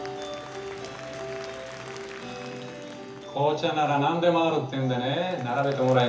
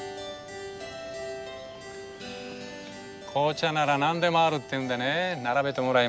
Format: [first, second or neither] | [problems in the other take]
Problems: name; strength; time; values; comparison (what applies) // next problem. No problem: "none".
second | background sound (Applause / Crowd); 19 dB below the speech // room echo; dies away in 0.7 s